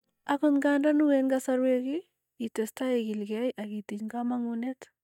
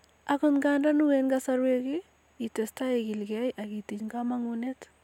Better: second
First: noise reduction (neural mask model DeepFilterNet 3)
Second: none

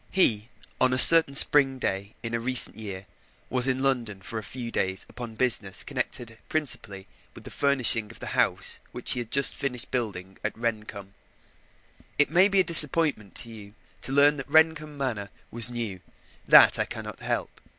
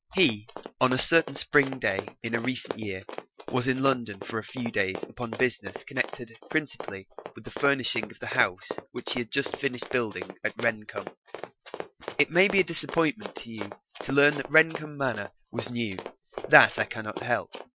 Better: first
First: none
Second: noise reduction (classical method Wiener filter)

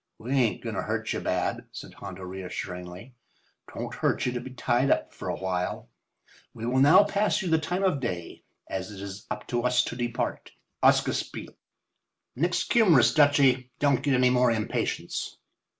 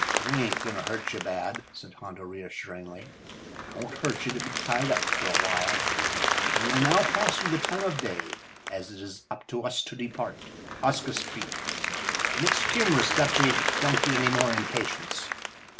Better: first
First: none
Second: background sound (Applause); 1 dB above the speech

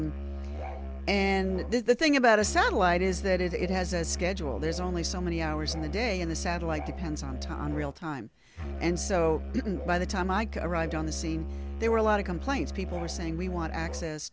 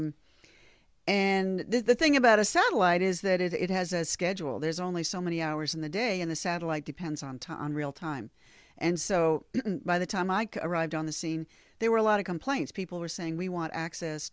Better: second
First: background sound (Musical instrument); 6 dB below the speech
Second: none

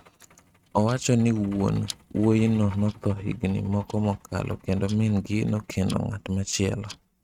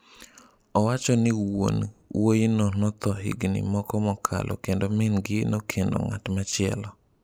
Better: second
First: noise reduction (neural mask model RNNoise)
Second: none

